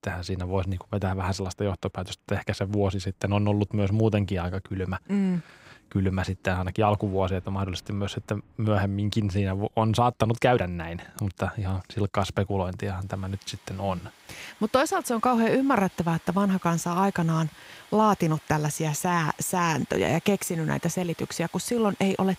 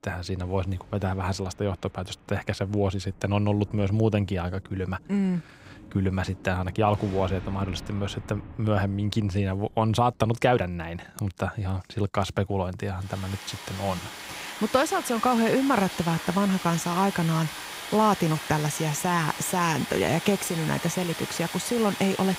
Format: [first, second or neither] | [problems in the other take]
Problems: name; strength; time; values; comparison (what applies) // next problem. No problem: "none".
first | rain or running water; loud; throughout; 9 dB below the speech; faint in the first